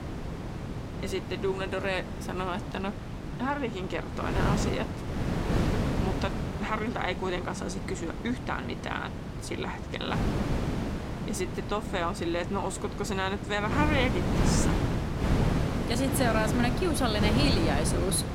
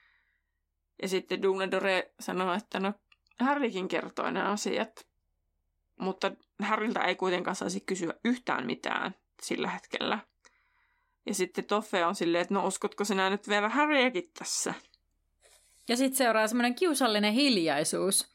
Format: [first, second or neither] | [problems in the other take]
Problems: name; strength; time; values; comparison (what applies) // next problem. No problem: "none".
second | wind noise on the microphone; heavy; 4 dB below the speech